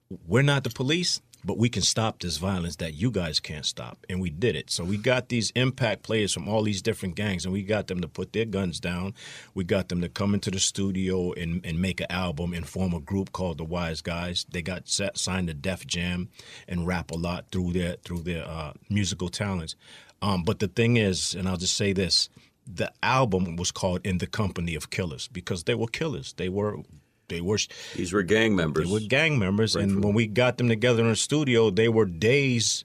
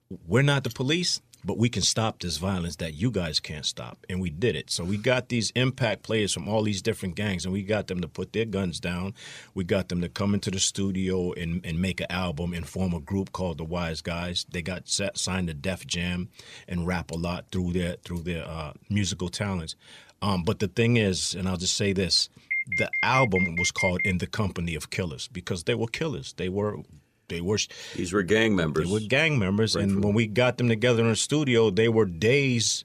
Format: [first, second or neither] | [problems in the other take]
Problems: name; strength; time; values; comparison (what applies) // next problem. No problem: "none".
first | alarm; loud; from 23 to 24 s; peak 1 dB above the speech